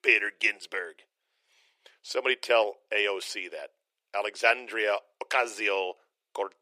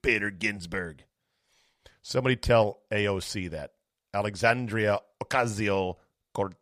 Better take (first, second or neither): second